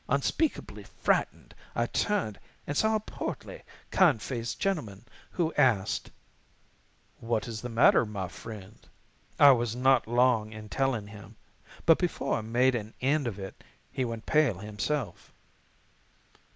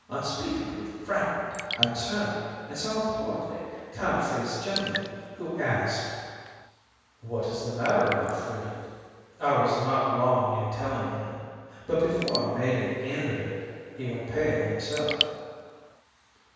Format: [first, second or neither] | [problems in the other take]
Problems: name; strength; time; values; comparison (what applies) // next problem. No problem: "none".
first | background sound (Raindrop / Drip); 11 dB below the speech // room echo; dies away in 1.9 s